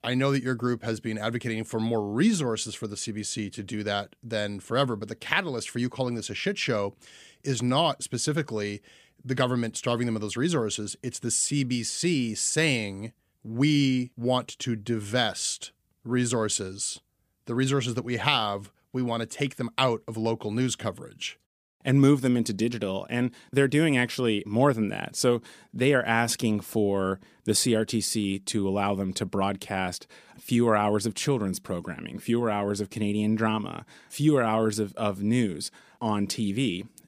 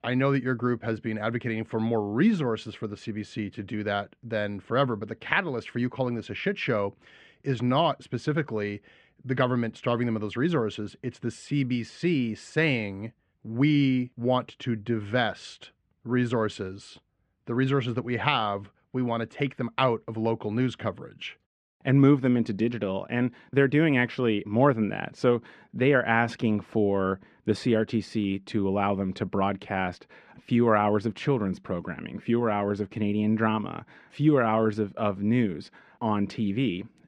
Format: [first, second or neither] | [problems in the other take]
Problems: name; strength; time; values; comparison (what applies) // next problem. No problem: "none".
first | muffled; very; fading above 2 kHz